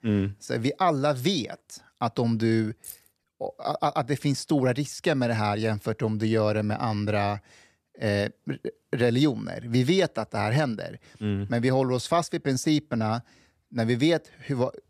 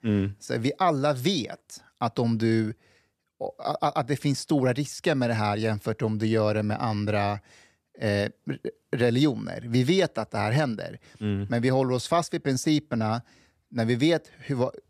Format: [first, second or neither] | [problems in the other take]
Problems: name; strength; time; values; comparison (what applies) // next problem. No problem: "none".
second | jangling keys; faint; at 3 s; peak 15 dB below the speech